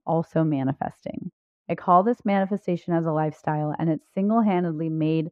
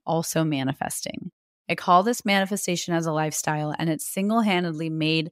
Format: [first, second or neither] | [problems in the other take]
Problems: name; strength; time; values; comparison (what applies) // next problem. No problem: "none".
second | muffled; very; fading above 3 kHz